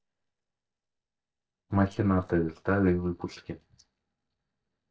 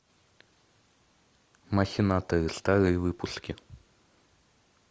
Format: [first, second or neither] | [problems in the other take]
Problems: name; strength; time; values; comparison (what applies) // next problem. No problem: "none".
second | noise reduction (neural mask model DeepFilterNet 3)